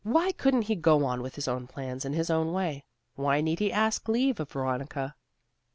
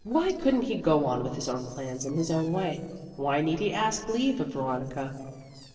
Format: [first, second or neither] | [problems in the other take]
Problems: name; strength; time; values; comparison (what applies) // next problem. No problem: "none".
first | noise reduction (neural separator model SepFormer DNS4)